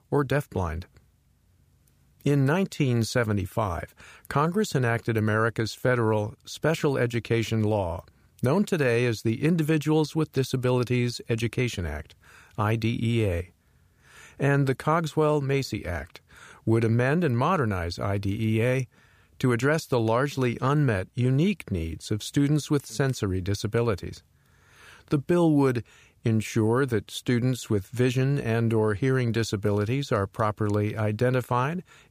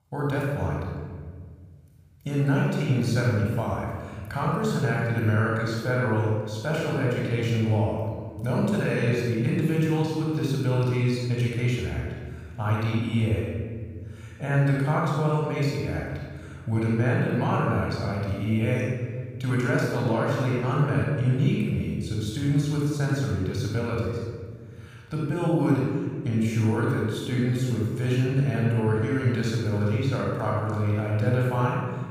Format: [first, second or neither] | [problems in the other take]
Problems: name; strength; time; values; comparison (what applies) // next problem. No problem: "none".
first | off-mic speech; far // room echo; strong; dies away in 1.6 s